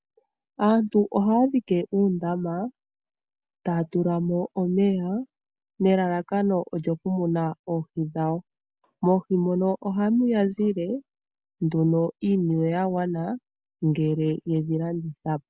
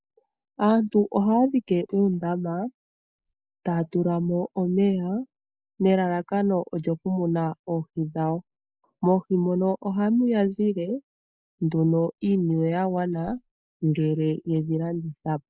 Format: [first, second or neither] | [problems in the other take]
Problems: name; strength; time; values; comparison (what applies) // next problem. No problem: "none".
first | noise reduction (neural mask model Resemble Enhance denoiser)